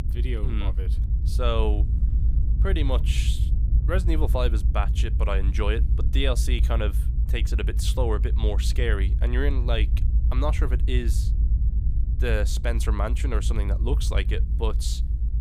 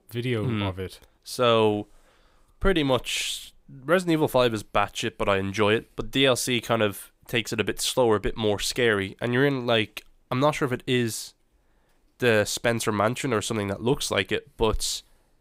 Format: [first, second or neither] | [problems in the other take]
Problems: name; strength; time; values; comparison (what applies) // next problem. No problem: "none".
second | low rumble; noticeable; throughout; 10 dB below the speech